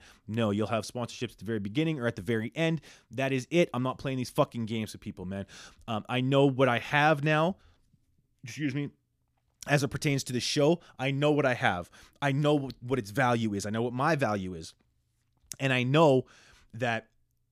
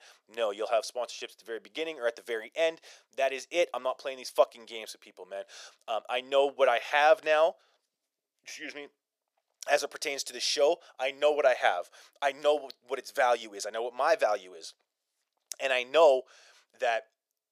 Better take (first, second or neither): first